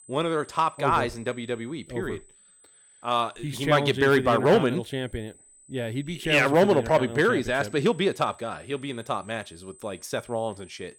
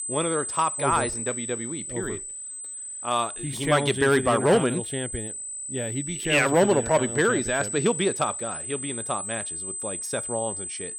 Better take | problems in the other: first | high-pitched whine; loud; throughout; 8 kHz, 6 dB below the speech; faint in the first

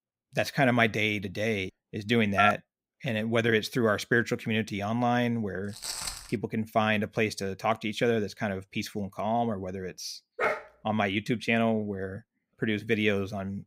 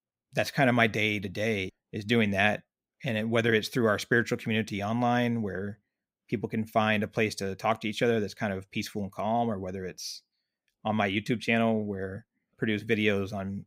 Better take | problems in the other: second | phone ringing; loud; at 2.5 s; peak 1 dB above the speech // footsteps; noticeable; at 5.5 s; peak 5 dB below the speech // dog barking; noticeable; at 10 s; peak 1 dB below the speech

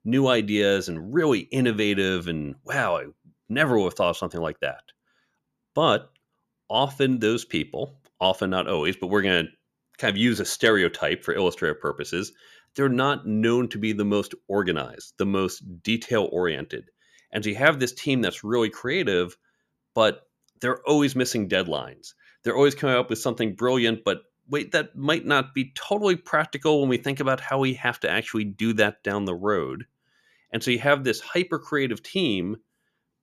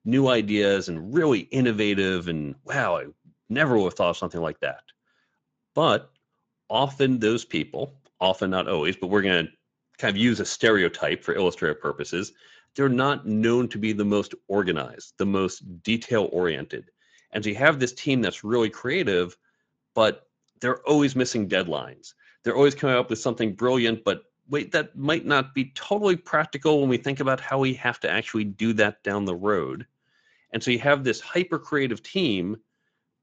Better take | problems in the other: first | garbled, watery; slightly

